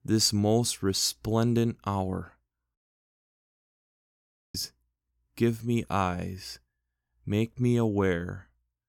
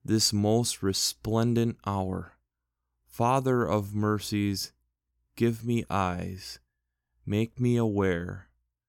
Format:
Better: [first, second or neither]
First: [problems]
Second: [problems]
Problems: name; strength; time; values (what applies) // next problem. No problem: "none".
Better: second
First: audio cutting out; at 3 s for 2 s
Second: none